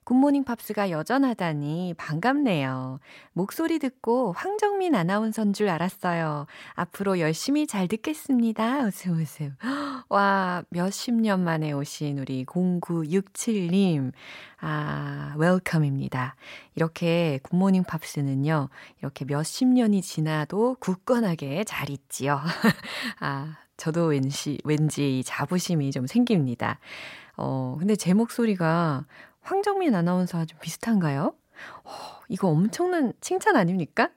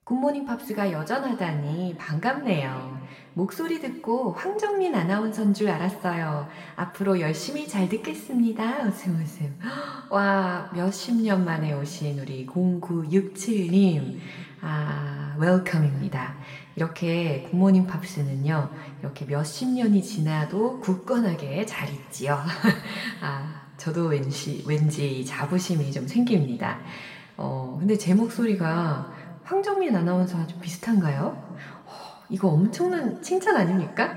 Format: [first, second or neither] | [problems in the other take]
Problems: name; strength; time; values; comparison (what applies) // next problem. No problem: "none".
first | room echo; slight; dies away in 1.4 s // off-mic speech; somewhat distant